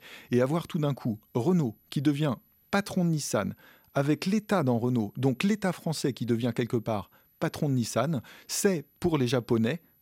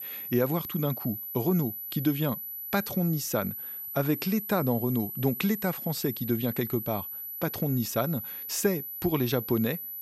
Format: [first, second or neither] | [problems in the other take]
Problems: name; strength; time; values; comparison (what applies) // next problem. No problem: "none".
first | high-pitched whine; loud; throughout; 12 kHz, 5 dB below the speech; faint in the first